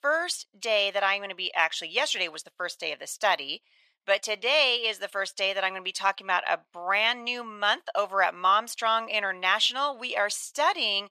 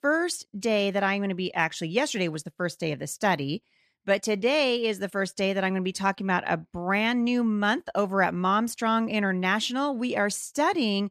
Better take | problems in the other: second | thin; very; fading below 700 Hz

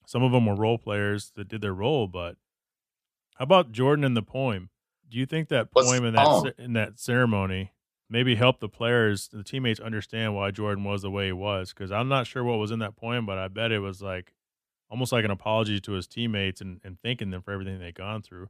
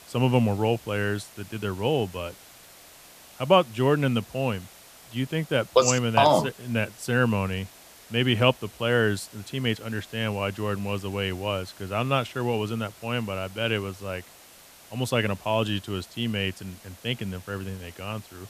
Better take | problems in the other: first | hiss; faint; throughout; 20 dB below the speech

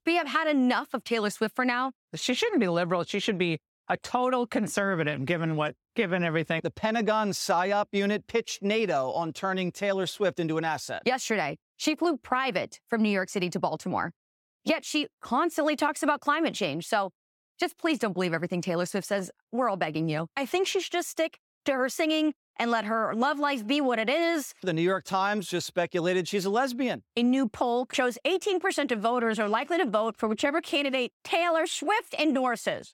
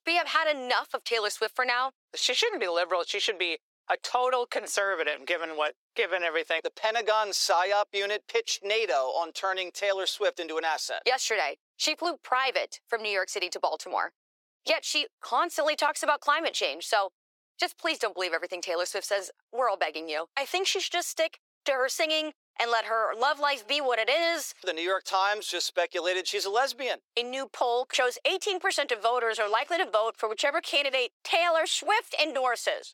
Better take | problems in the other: first | thin; very; fading below 400 Hz

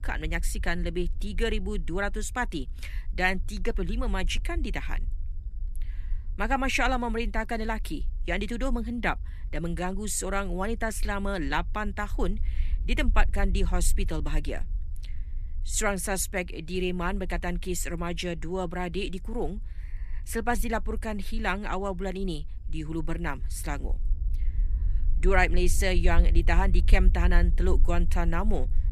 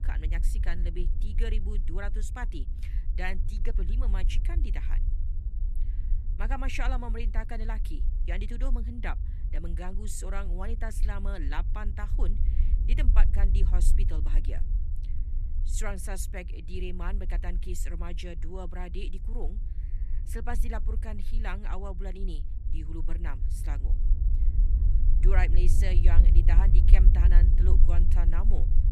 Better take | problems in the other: first | low rumble; loud; throughout; 9 dB below the speech; faint in the first

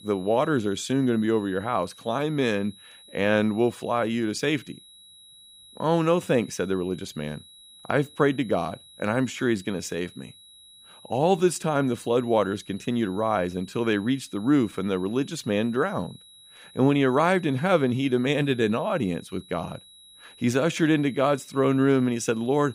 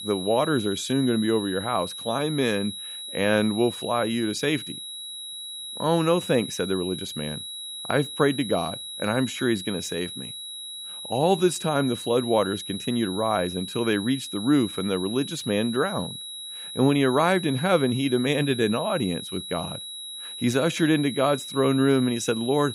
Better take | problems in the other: first | high-pitched whine; loud; throughout; 4 kHz, 9 dB below the speech; faint in the first

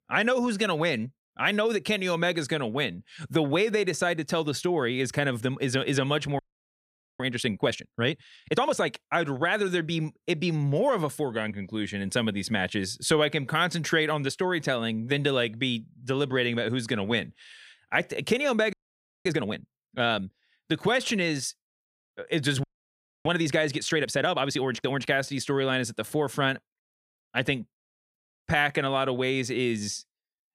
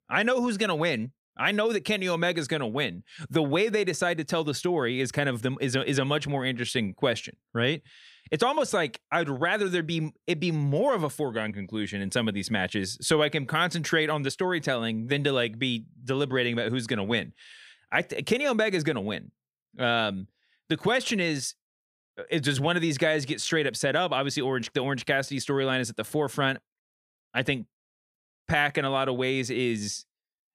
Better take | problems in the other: second | audio freezing; at 6.5 s for 1 s, at 19 s for 0.5 s and at 23 s for 0.5 s

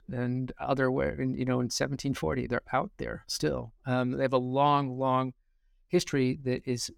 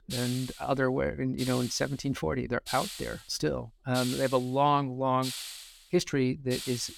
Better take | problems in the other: first | hiss; loud; throughout; 9 dB below the speech

